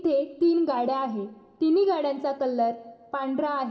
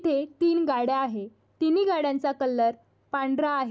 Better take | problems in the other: second | room echo; dies away in 1.4 s

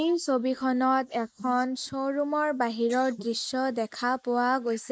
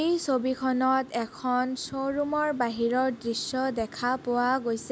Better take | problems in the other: second | noise reduction (neural mask model Resemble Enhance denoiser)

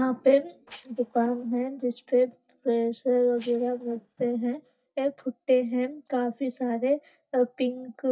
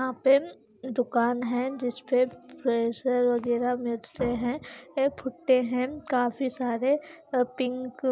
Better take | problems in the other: second | noise reduction (neural mask model DeepFilterNet 3)

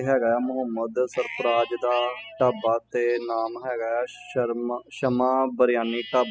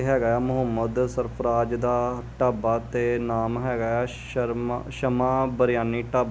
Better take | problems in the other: second | noise reduction (classical method spectral subtraction)

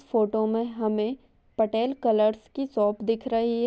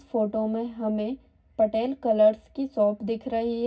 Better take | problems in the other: first | room echo; dies away in 0.4 s

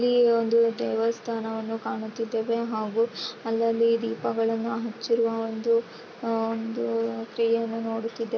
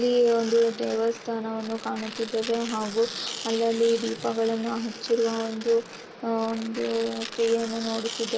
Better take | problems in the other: first | background sound (Tearing); 13 dB below the speech

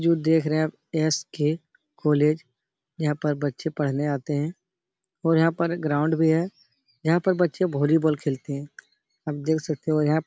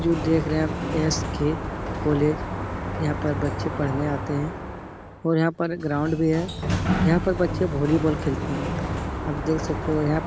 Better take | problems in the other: first | background sound (Sliding door); 3 dB below the speech

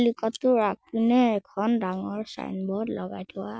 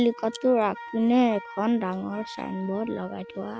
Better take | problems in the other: first | background sound (Wind instrument, woodwind instrument); 17 dB below the speech

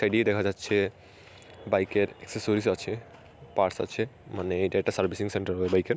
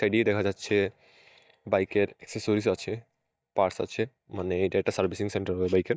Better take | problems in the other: first | noise reduction (neural mask model DeepFilterNet 3)

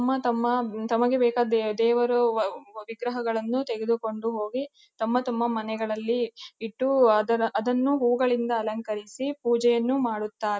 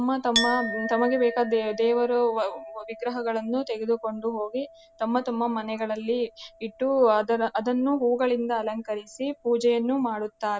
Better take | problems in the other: first | background sound (Chink, clink); 12 dB below the speech

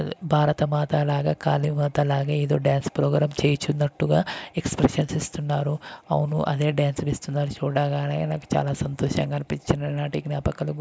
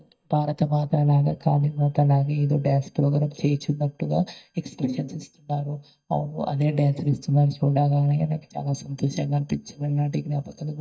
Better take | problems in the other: first | noise reduction (neural mask model DeepFilterNet 3)

